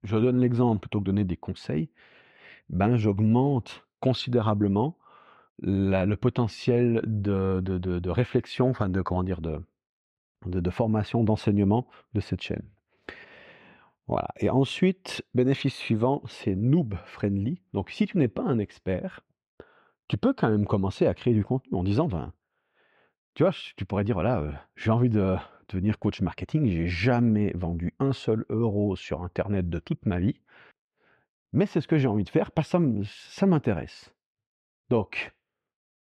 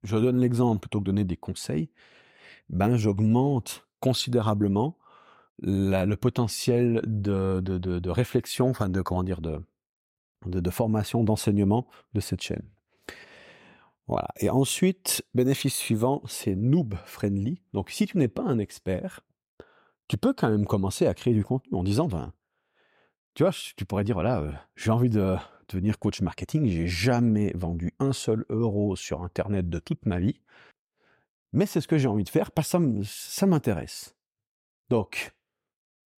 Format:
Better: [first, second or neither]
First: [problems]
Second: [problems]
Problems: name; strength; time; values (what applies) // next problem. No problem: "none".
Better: second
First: muffled; slightly; fading above 3 kHz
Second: none